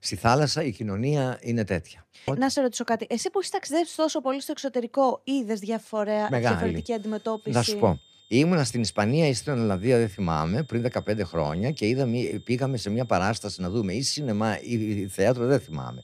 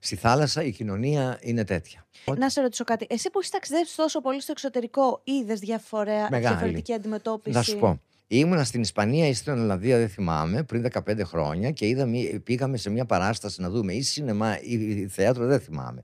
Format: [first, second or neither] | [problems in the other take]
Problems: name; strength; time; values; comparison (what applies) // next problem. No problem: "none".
second | high-pitched whine; faint; from 6 s on; 3.5 kHz, 25 dB below the speech